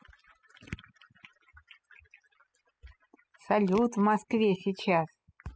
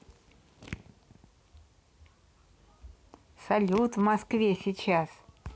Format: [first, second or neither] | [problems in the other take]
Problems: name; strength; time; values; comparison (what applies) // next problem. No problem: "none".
second | noise reduction (classical method spectral subtraction)